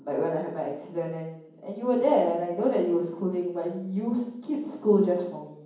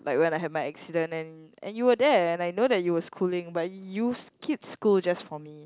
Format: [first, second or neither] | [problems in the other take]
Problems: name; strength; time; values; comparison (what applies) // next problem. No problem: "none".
second | room echo; dies away in 1.2 s